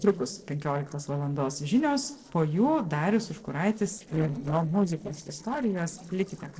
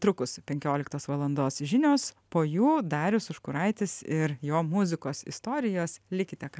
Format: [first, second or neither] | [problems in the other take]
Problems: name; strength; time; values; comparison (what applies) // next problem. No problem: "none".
second | noise reduction (neural separator model SepFormer DNS4)